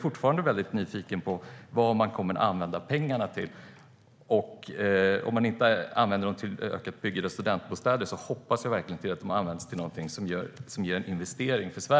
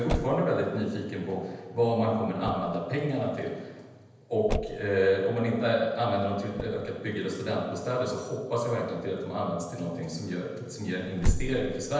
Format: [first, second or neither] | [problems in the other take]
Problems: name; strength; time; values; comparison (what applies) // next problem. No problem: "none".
first | background sound (Motor vehicle (road)); 8 dB below the speech // room echo; dies away in 1.1 s